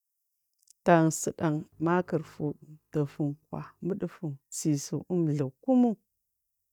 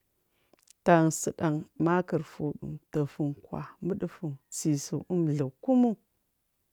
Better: second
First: noise reduction (neural mask model DeepFilterNet 3)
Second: none

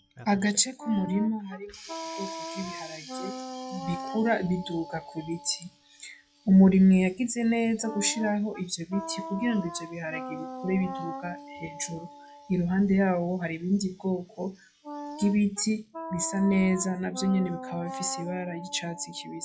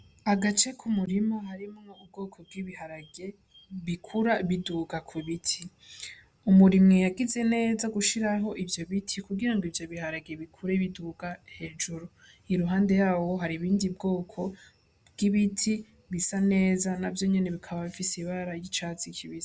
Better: second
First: noise reduction (classical method log-MMSE)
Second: none

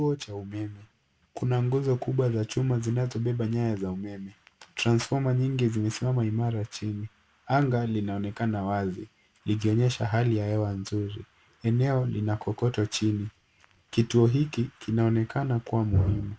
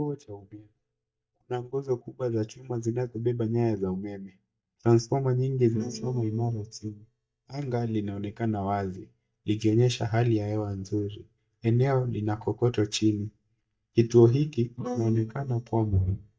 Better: first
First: none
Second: noise reduction (neural mask model DeepFilterNet 3)

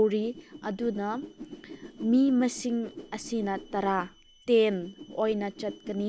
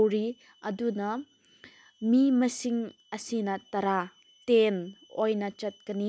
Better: second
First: background sound (Whoosh, swoosh, swish); 16 dB below the speech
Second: none

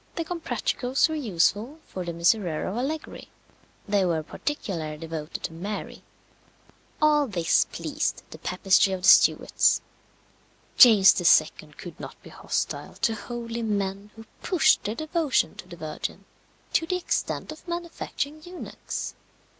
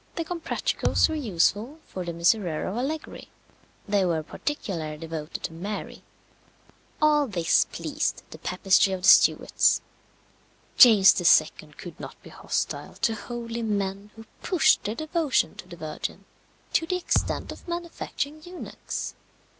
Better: first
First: none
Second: background sound (Thump, thud); 6 dB below the speech

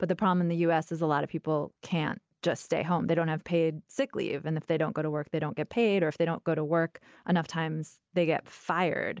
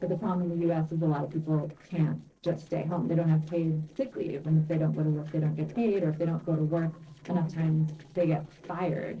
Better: first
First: none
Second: noise reduction (neural separator model SepFormer DNS4)

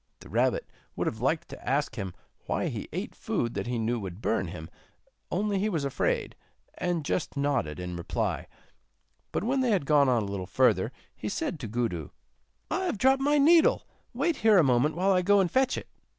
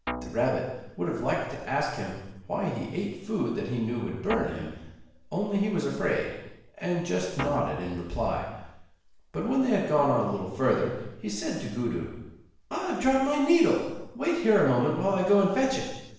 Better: first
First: none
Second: background sound (Guitar); 10 dB below the speech // room echo; dies away in 0.9 s

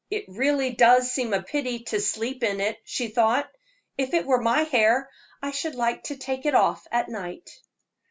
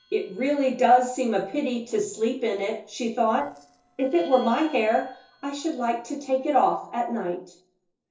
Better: first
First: none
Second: noise reduction (neural separator model SepFormer DNS4)

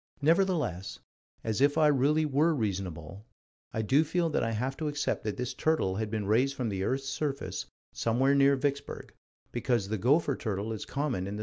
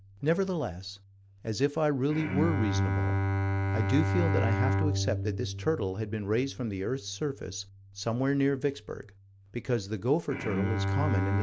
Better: first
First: none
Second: background sound (Bowed string instrument); 1 dB below the speech

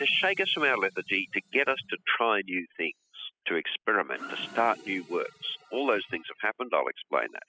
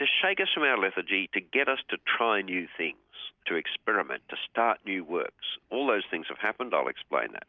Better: second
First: noise reduction (classical method spectral subtraction)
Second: none

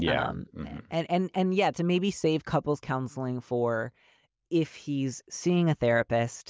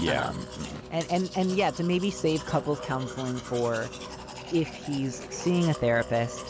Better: first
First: none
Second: background sound (Musical instrument + Domestic sounds, home sounds); 11 dB below the speech

